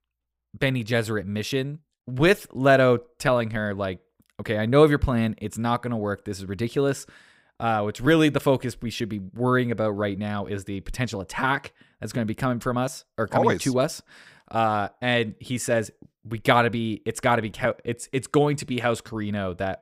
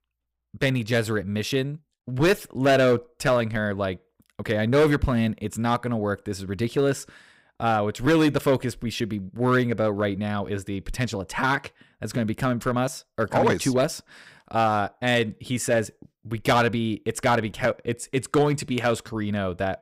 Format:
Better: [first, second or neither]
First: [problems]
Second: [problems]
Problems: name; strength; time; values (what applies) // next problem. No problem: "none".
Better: first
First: none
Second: distortion; slight; 3% of the sound clipped